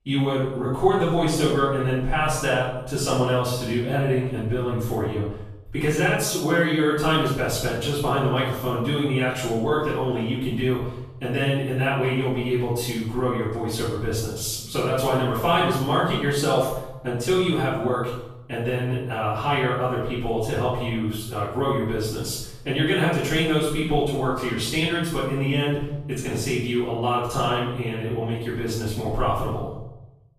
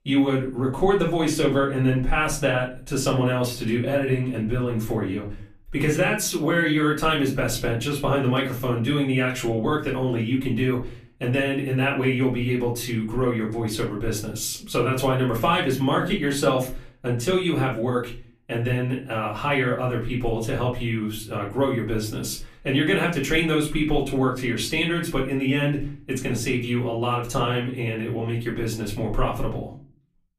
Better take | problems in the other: second | room echo; strong; dies away in 0.7 s; slight in the second // off-mic speech; far; far in the second

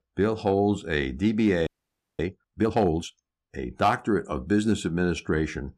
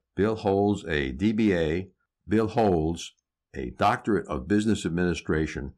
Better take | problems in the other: second | audio freezing; at 1.5 s for 0.5 s

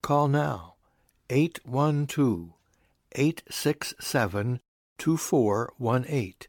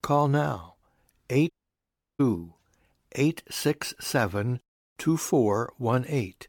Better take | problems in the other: first | audio cutting out; at 1.5 s for 0.5 s

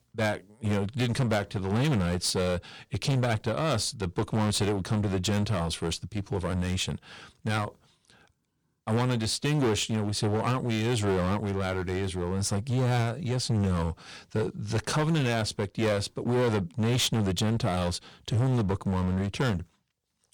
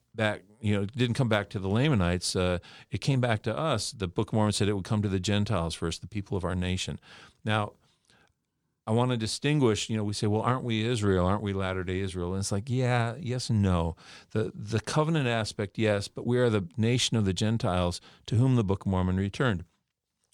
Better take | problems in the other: second | distortion; heavy; 14% of the sound clipped

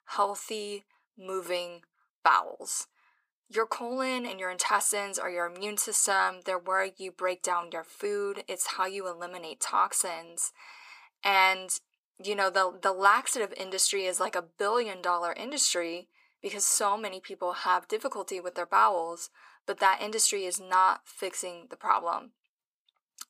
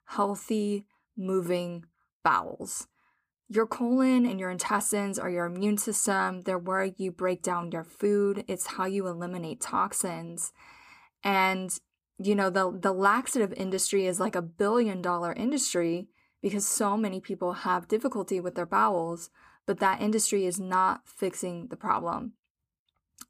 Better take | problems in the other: second | thin; very; fading below 600 Hz

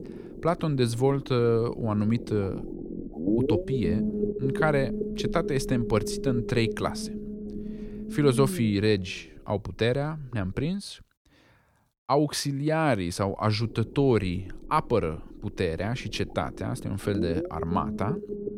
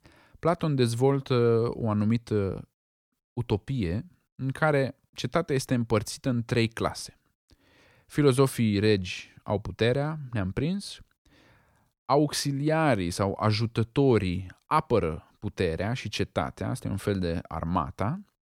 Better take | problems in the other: second | low rumble; loud; until 11 s and from 13 s on; 7 dB below the speech

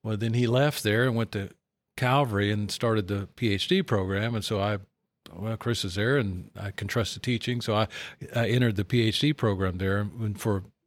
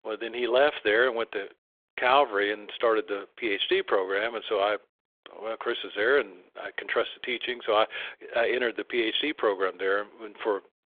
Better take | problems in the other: first | phone-call audio; nothing above 3.5 kHz

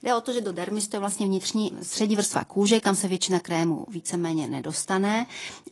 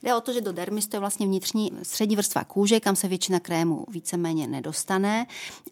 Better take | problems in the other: second | garbled, watery; slightly; nothing above 10.5 kHz

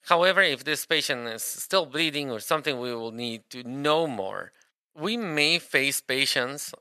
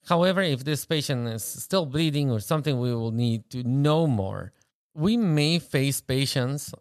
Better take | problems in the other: second | thin; somewhat; fading below 400 Hz

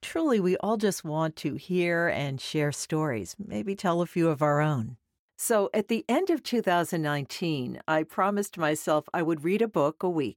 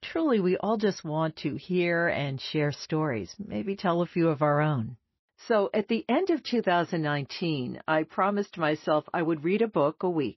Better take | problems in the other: first | garbled, watery; slightly; nothing above 6 kHz

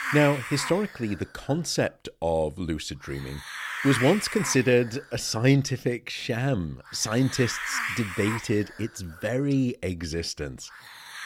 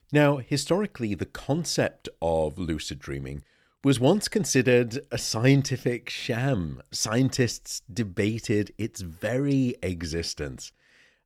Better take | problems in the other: second | hiss; loud; throughout; 6 dB below the speech

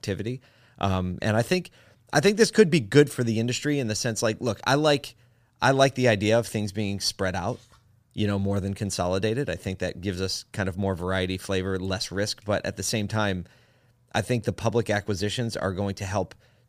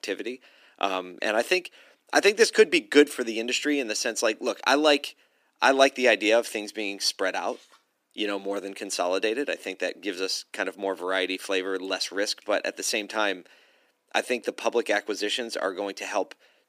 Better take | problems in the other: first | thin; somewhat; fading below 300 Hz

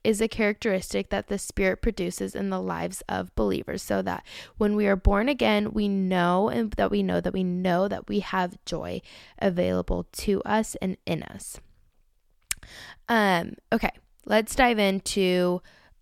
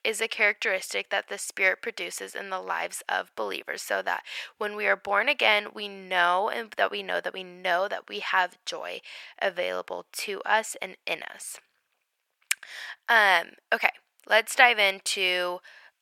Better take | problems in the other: first | thin; very; fading below 750 Hz

